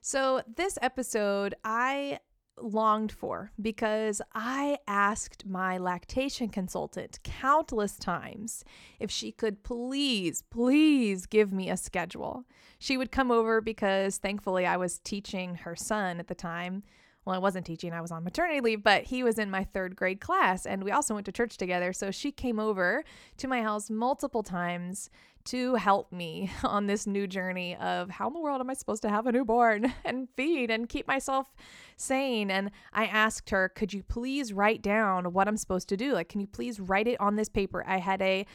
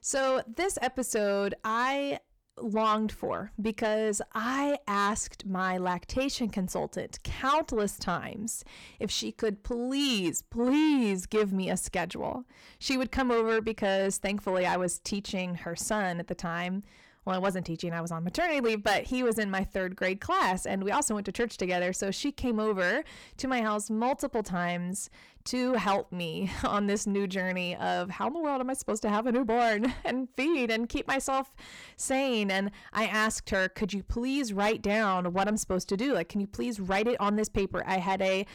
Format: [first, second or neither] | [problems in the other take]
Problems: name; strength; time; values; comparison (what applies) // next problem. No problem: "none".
first | distortion; slight; 10 dB below the speech